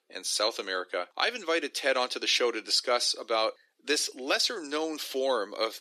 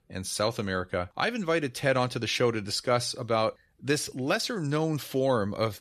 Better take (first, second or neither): second